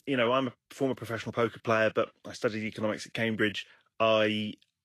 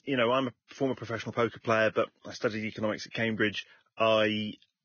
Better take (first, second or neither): first